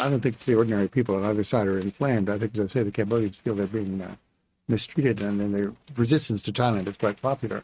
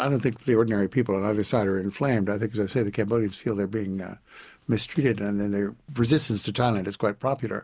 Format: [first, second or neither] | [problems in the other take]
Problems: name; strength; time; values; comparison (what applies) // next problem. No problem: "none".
second | noise reduction (neural mask model RNNoise)